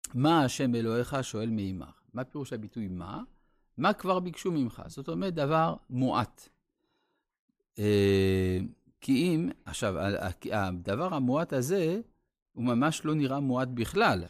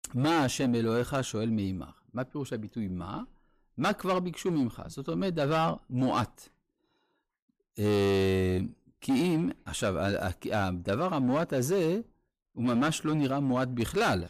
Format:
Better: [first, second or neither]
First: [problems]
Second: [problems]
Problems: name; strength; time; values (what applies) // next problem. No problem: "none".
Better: first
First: none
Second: distortion; slight; 8% of the sound clipped